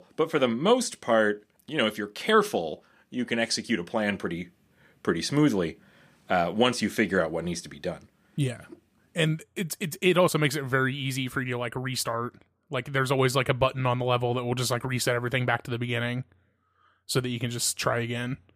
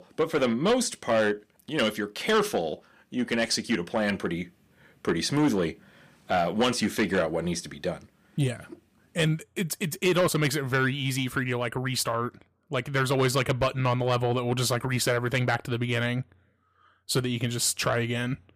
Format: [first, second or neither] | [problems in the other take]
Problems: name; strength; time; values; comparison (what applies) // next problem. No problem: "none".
first | distortion; slight; 10 dB below the speech